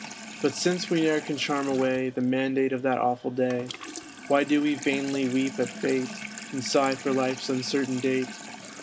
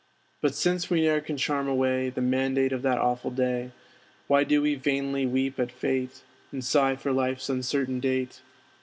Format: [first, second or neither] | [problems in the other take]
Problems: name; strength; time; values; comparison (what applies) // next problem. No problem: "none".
second | background sound (Sink (filling or washing) / Water tap, faucet); 13 dB below the speech